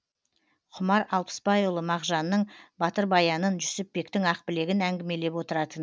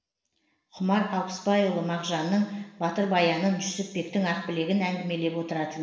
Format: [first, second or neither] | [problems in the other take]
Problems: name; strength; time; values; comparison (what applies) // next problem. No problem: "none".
first | room echo; dies away in 1.2 s